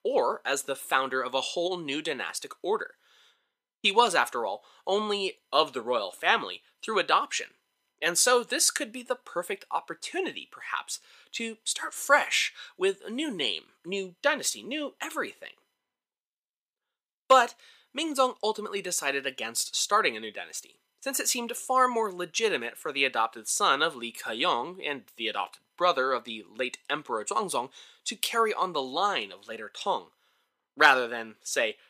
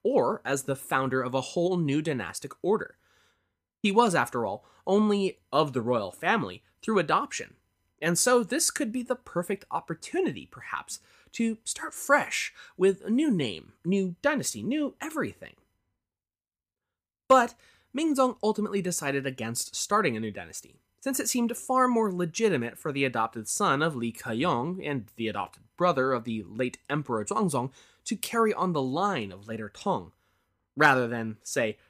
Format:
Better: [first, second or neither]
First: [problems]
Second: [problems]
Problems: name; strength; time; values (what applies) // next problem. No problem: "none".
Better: second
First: thin; somewhat; fading below 450 Hz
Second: none